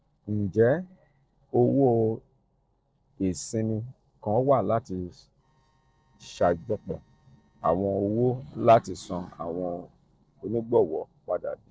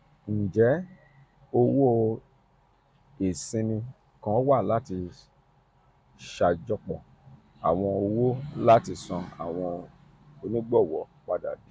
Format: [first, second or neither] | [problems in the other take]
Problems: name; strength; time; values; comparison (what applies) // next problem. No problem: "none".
second | noise reduction (neural separator model SepFormer DNS4)